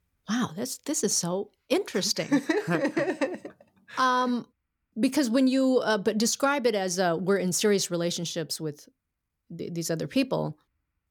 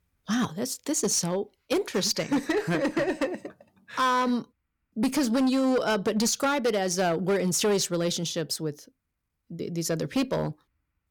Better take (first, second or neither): first